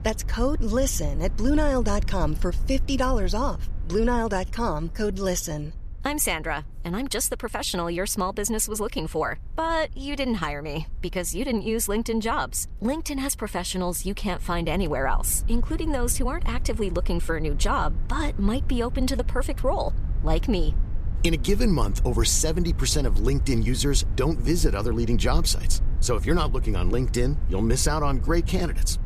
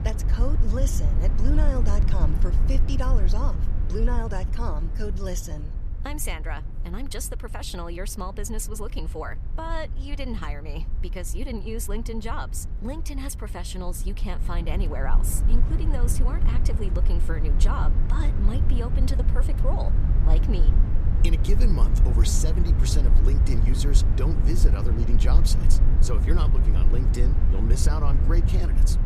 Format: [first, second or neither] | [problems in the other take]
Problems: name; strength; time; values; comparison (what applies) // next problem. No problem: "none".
first | low rumble; loud; throughout; 6 dB below the speech; faint in the first